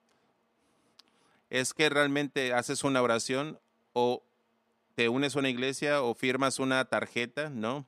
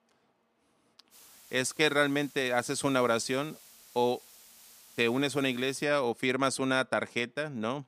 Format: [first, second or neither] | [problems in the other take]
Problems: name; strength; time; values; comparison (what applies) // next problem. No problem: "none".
first | hiss; faint; from 1 to 6 s; 25 dB below the speech